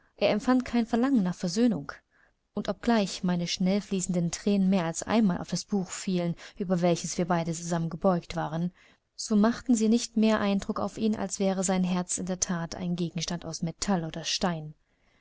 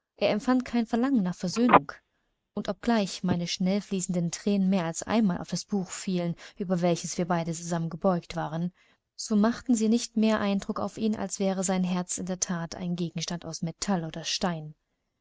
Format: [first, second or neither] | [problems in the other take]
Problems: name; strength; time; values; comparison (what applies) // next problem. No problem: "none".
first | noise reduction (neural mask model RNNoise)